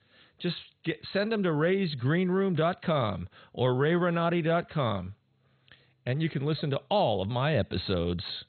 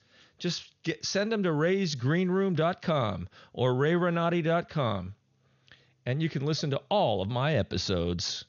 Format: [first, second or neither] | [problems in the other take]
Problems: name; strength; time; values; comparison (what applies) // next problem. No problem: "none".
second | garbled, watery; badly; nothing above 4 kHz; slightly in the second